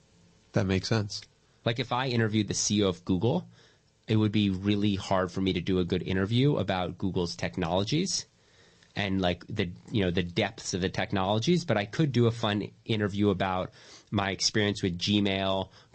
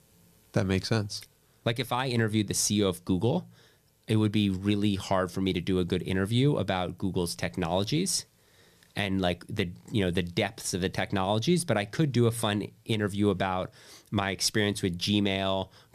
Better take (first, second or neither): second